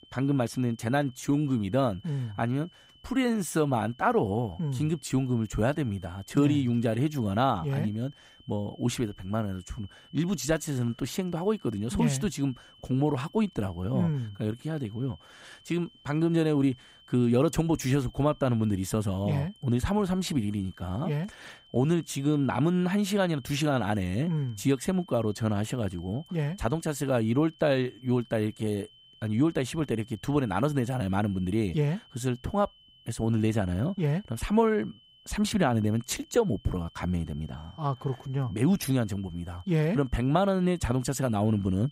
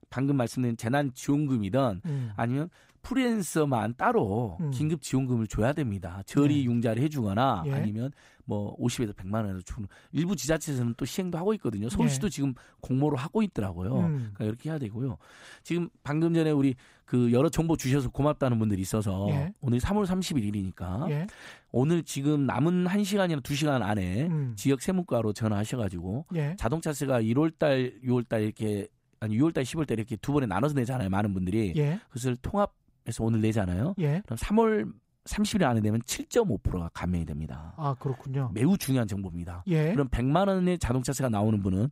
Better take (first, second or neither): second